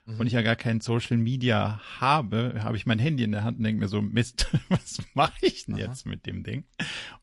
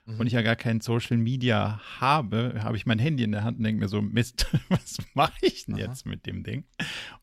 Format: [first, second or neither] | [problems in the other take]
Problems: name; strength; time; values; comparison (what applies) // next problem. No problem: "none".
second | garbled, watery; slightly; nothing above 11 kHz